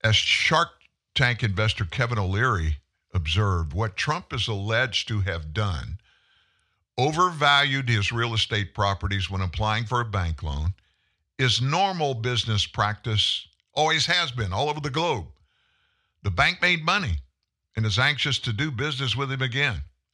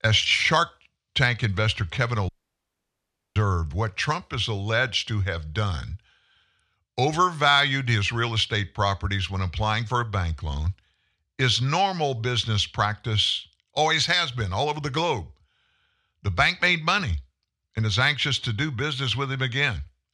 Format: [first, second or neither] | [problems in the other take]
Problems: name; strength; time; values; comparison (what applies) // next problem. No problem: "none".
first | audio cutting out; at 2.5 s for 1 s